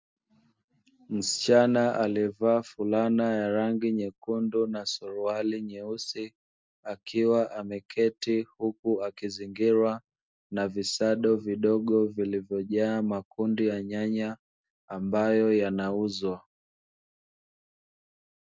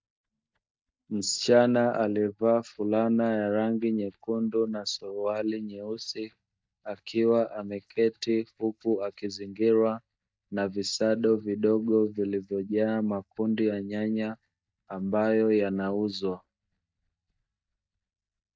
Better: first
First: none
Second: noise reduction (neural mask model DeepFilterNet 3)

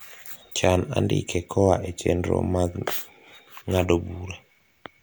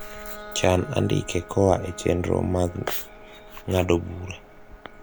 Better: first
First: none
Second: background sound (Bowed string instrument + Bird vocalization, bird call, bird song); 16 dB below the speech

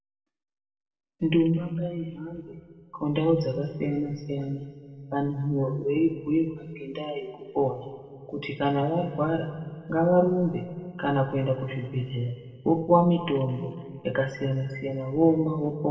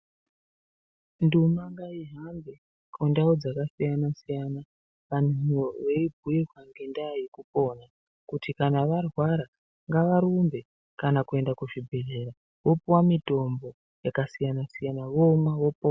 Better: second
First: room echo; dies away in 1.7 s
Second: none

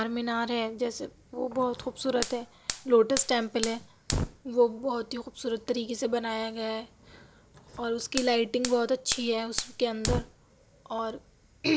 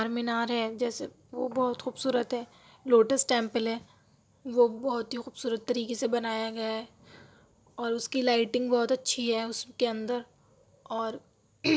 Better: second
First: background sound (Fire); 10 dB below the speech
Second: none

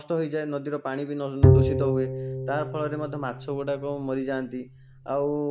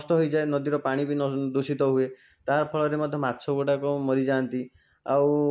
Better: second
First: background sound (Bowed string instrument); 4 dB above the speech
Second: none

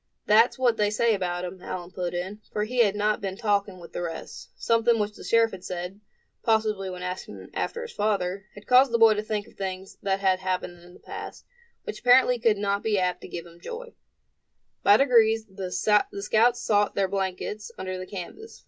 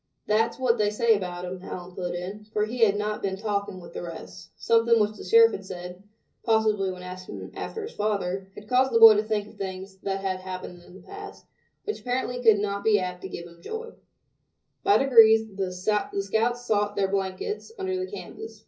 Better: first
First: none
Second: room echo; dies away in 0.5 s

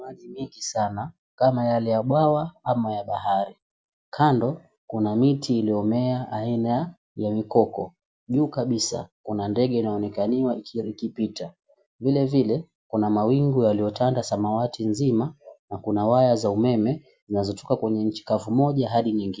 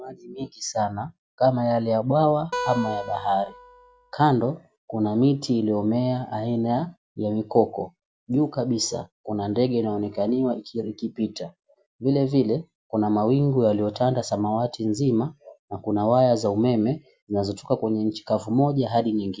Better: first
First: none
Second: background sound (Acoustic guitar); 10 dB below the speech

